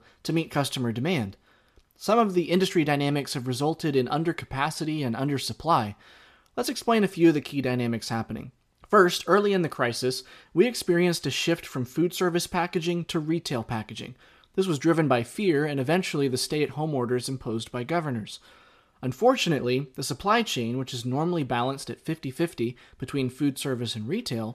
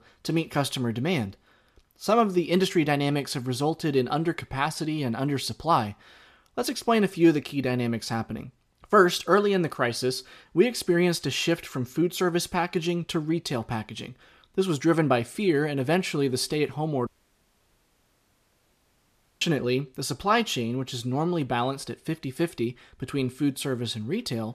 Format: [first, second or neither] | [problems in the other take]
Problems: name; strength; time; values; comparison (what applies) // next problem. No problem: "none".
first | audio cutting out; at 17 s for 2.5 s